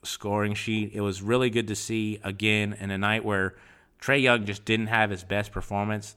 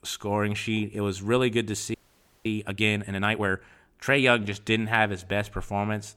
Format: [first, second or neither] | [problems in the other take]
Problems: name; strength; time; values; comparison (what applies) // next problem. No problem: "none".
first | audio freezing; at 2 s for 0.5 s